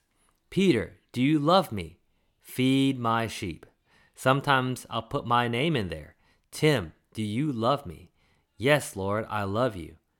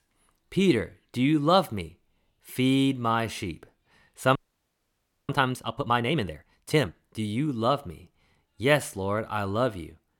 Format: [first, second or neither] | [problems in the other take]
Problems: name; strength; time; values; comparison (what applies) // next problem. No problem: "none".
first | audio freezing; at 4.5 s for 1 s